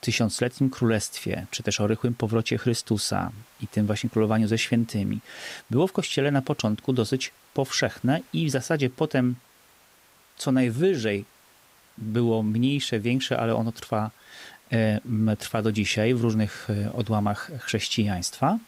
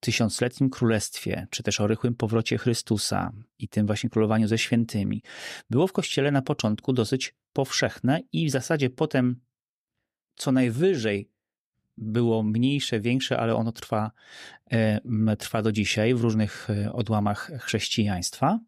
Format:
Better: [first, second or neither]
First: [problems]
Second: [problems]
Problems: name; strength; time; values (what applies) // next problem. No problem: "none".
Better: second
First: hiss; faint; throughout; 30 dB below the speech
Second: none